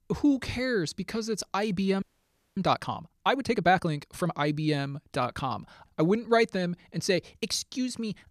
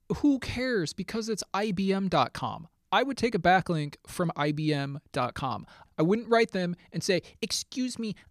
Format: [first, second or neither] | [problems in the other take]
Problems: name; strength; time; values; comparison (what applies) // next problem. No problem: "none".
second | audio freezing; at 2 s for 0.5 s